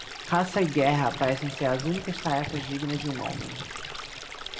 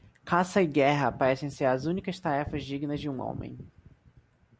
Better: second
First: background sound (Stream); 10 dB below the speech // room echo; dies away in 1.3 s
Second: none

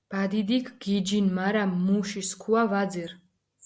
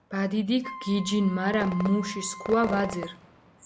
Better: first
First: none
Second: background sound (Wind instrument, woodwind instrument + Fireworks); 12 dB below the speech

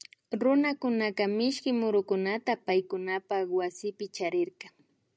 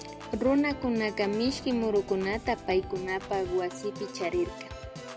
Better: first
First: none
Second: background sound (Organ); 11 dB below the speech

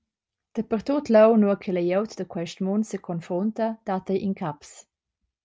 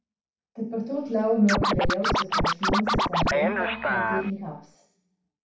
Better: first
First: none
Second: background sound (Scratching (performance technique)); 3 dB above the speech // room echo; dies away in 0.6 s

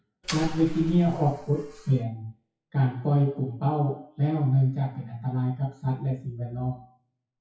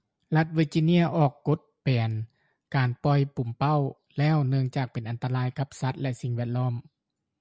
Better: second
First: noise reduction (classical method WPE with log-MMSE)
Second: none

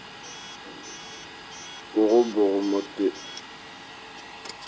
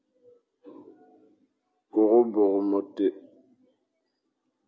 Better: second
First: background sound (Domestic sounds, home sounds + Coin (dropping) / Alarm); 13 dB below the speech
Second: none

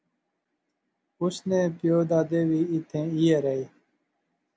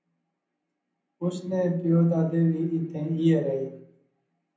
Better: first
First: none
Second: room echo; dies away in 0.6 s

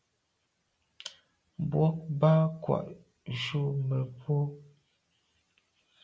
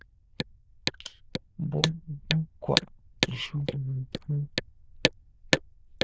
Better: first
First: none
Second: noise reduction (neural diffusion model UNIVERSE++)

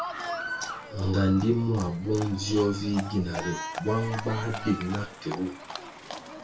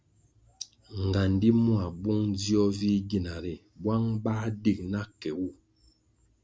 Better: second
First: background sound (Livestock, farm animals, working animals); 9 dB below the speech // room echo; dies away in 0.2 s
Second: none

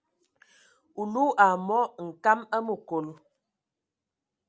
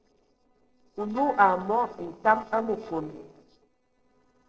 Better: first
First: none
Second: noise reduction (neural separator model SepFormer DNS4)

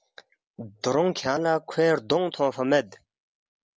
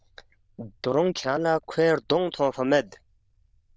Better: first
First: none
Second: noise reduction (neural diffusion model UNIVERSE++)

